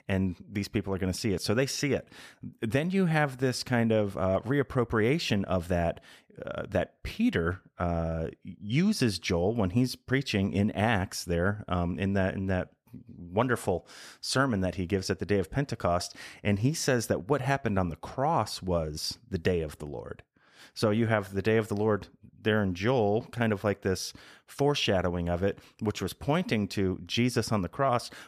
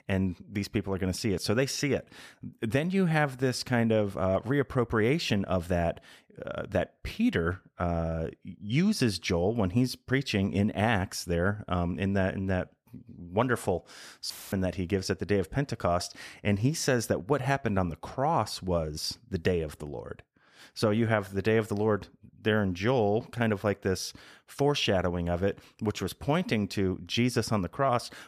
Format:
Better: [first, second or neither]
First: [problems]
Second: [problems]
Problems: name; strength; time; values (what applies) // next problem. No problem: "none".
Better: first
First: none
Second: audio cutting out; filled with static; at 14 s